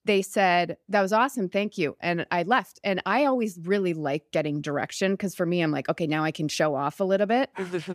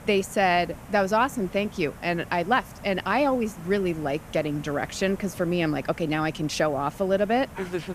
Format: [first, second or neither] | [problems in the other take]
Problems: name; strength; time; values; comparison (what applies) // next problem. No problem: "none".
first | hiss; noticeable; throughout; 20 dB below the speech